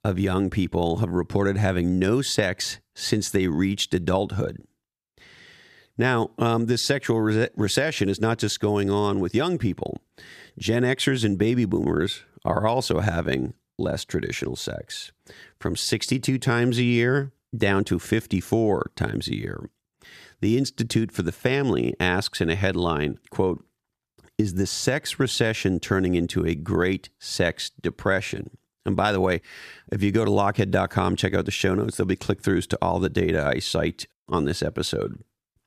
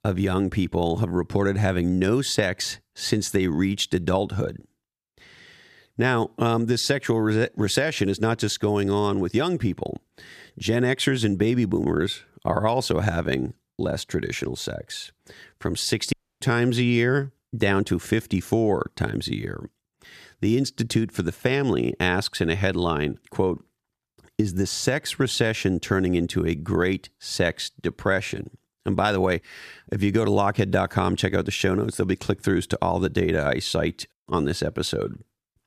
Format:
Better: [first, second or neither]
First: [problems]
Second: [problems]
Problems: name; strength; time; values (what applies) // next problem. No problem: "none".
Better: first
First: none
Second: audio cutting out; at 16 s